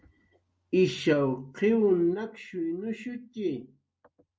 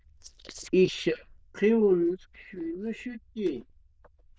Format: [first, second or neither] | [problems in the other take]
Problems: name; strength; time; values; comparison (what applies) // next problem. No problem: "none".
first | noise reduction (neural diffusion model UNIVERSE++)